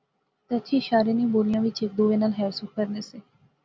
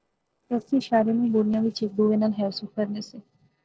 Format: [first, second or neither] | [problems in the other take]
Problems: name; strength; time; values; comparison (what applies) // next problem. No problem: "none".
first | noise reduction (neural separator model SepFormer DNS4)